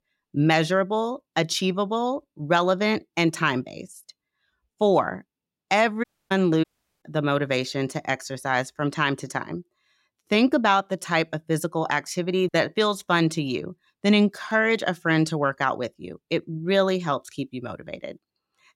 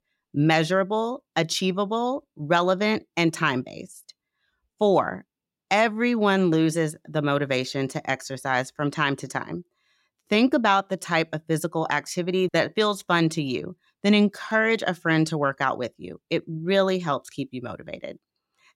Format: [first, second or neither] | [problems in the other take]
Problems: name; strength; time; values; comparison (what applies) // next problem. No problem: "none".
second | audio cutting out; at 6 s and at 6.5 s